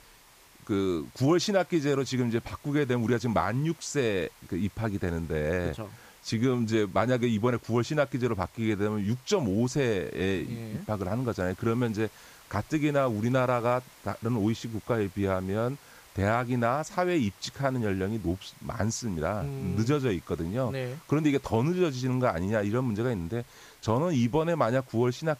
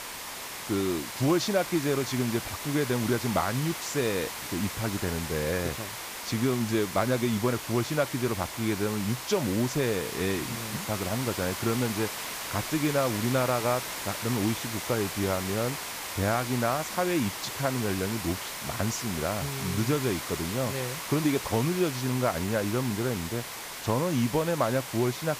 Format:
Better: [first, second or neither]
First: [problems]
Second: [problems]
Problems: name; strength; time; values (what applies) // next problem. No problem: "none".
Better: first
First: hiss; faint; throughout; 25 dB below the speech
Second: hiss; loud; throughout; 5 dB below the speech